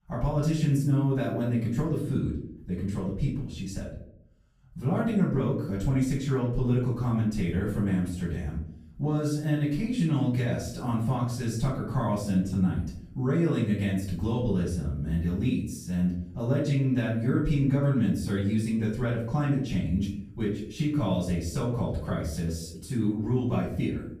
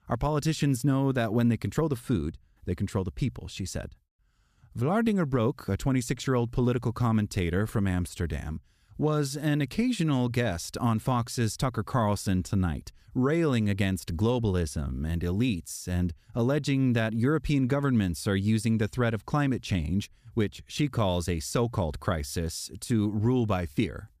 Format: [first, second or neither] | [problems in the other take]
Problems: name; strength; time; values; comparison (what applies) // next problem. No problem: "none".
second | off-mic speech; far // room echo; noticeable; dies away in 0.6 s